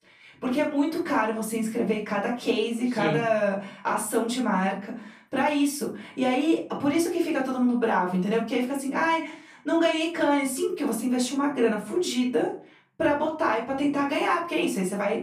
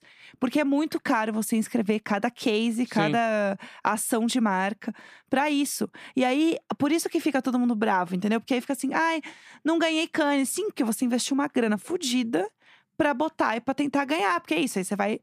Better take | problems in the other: second | off-mic speech; far // room echo; slight; dies away in 0.4 s

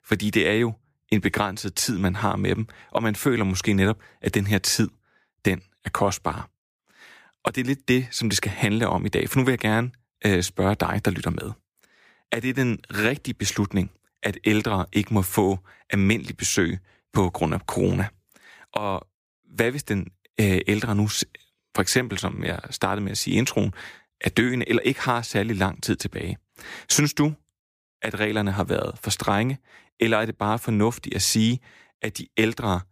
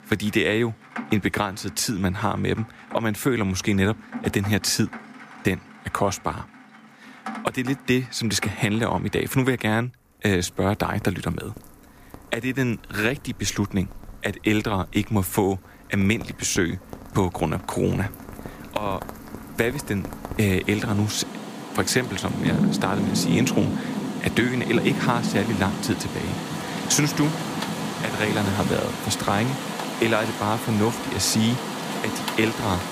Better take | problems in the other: first | rain or running water; loud; throughout; 6 dB below the speech

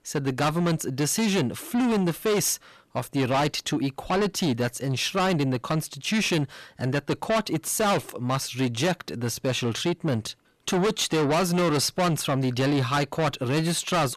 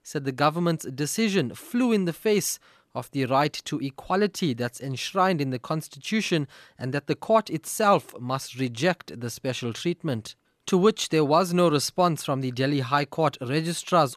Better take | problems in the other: second | distortion; heavy; 6 dB below the speech

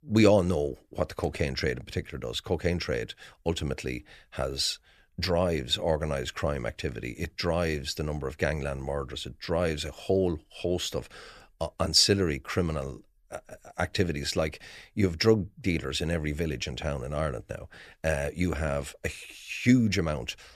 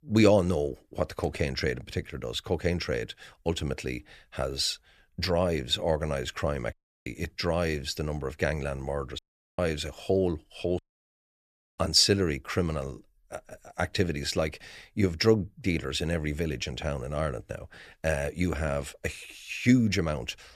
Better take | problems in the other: first | audio cutting out; at 6.5 s, at 9 s and at 11 s for 1 s

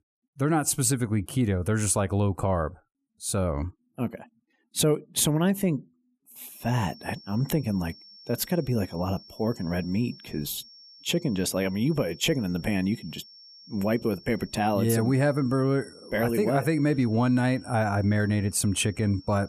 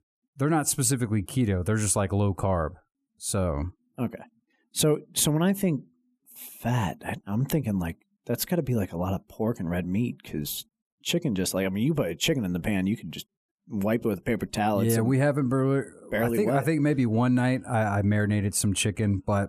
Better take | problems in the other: second | high-pitched whine; faint; from 6.5 s on; 5.5 kHz, 20 dB below the speech

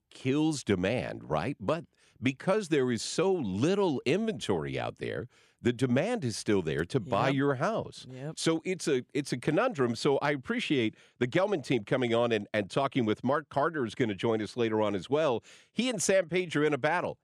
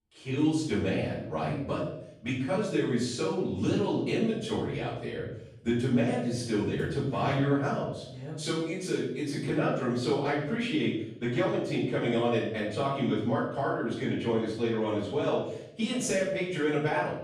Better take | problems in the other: first | room echo; noticeable; dies away in 0.7 s // off-mic speech; far

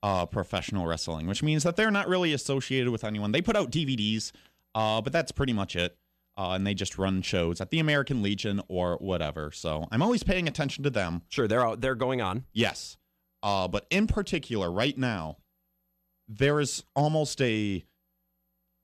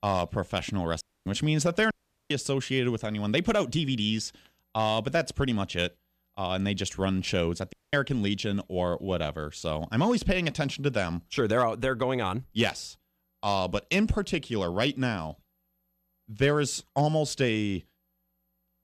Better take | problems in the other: first | audio cutting out; at 1 s, at 2 s and at 7.5 s

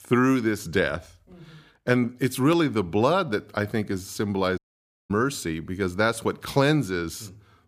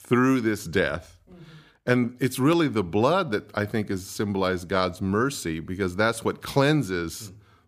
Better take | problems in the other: second | audio cutting out; at 4.5 s for 0.5 s

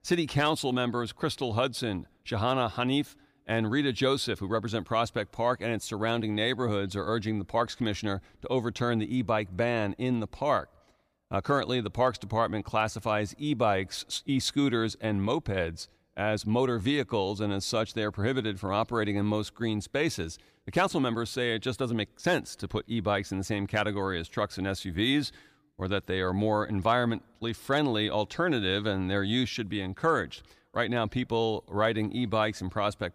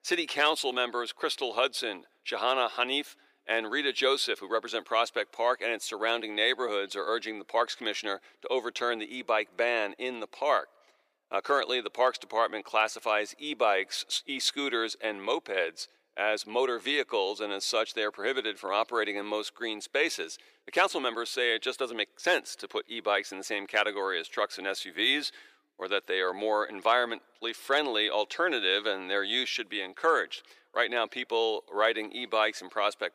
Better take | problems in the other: first | thin; very; fading below 400 Hz

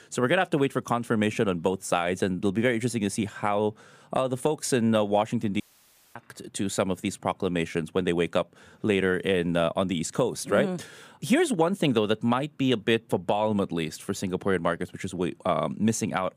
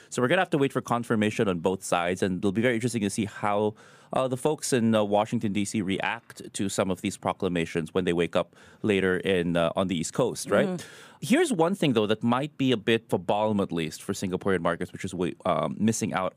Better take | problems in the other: second | audio cutting out; at 5.5 s for 0.5 s

